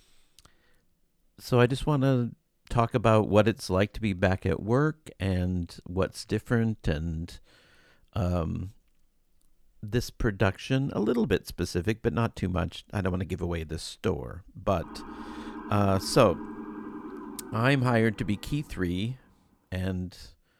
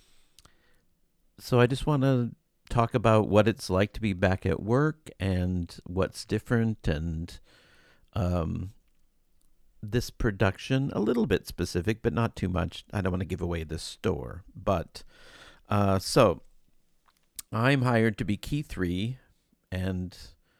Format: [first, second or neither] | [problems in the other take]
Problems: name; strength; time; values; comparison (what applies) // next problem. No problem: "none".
second | siren; faint; from 15 to 19 s; peak 10 dB below the speech